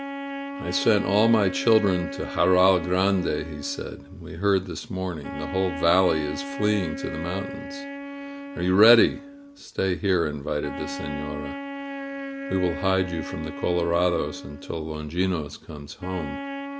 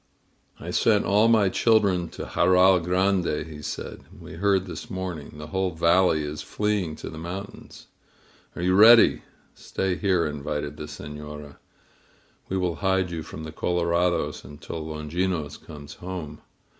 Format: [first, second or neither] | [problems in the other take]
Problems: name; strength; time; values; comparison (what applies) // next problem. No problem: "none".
second | background sound (Wind instrument, woodwind instrument); 10 dB below the speech